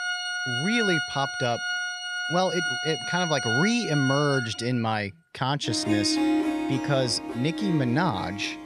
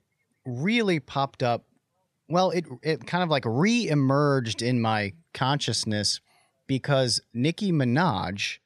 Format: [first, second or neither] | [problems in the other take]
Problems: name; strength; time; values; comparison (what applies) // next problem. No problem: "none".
second | background music; loud; throughout; 2 dB below the speech